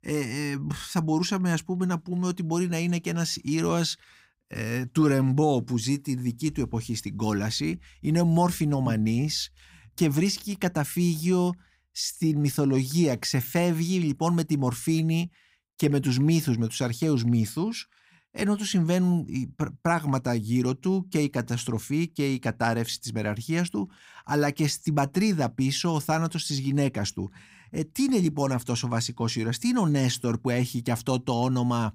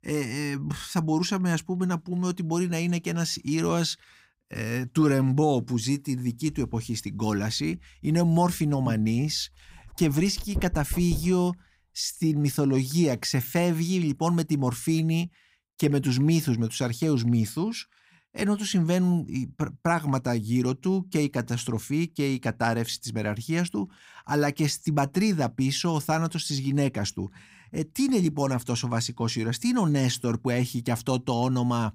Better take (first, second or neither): first